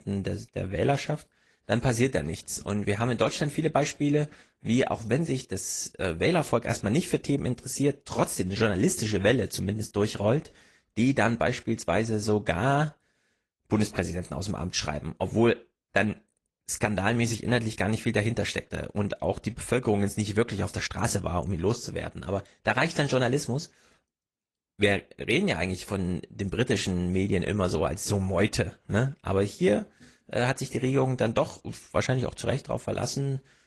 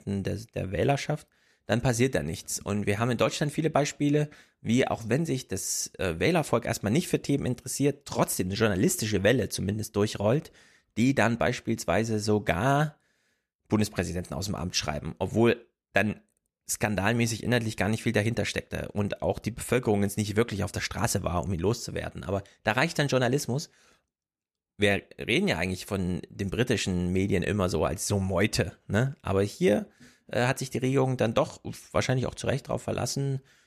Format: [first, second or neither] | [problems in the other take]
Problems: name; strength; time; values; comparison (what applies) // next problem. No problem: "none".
second | garbled, watery; slightly; nothing above 12 kHz